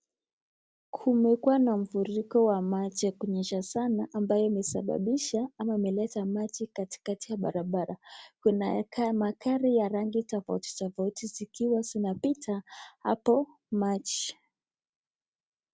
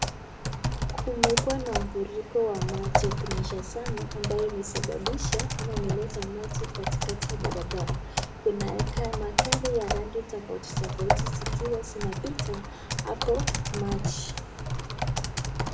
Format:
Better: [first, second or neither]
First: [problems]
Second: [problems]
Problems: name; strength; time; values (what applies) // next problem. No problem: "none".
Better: first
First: none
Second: background sound (Typing); 3 dB above the speech // room echo; dies away in 0.4 s